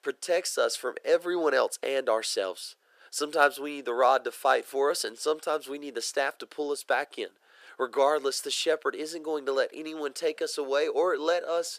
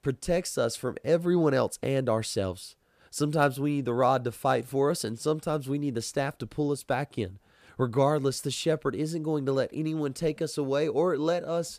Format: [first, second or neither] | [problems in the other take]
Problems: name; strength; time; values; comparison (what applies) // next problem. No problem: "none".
second | thin; very; fading below 400 Hz